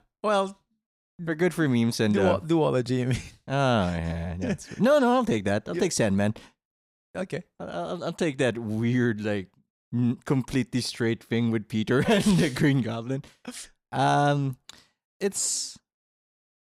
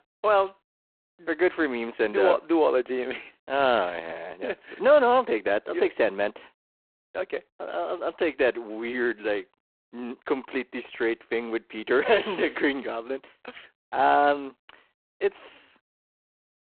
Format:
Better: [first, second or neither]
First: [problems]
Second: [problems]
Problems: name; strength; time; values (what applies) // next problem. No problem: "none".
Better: first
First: none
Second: phone-call audio; poor line; nothing above 4 kHz